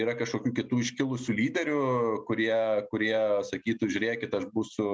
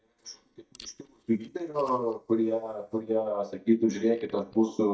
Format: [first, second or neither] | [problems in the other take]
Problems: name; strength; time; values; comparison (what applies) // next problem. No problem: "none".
first | noise reduction (neural mask model DeepFilterNet 3)